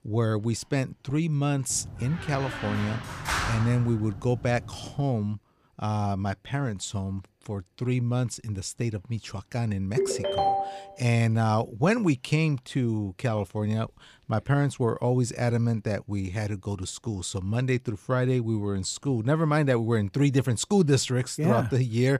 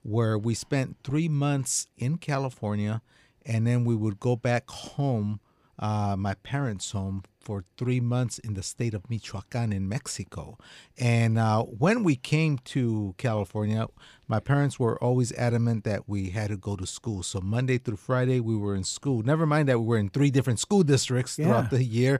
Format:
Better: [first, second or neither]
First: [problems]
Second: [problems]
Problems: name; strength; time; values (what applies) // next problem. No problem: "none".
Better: second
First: door banging; noticeable; from 1.5 to 5 s; peak level with the speech // phone ringing; loud; at 10 s; peak 2 dB above the speech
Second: none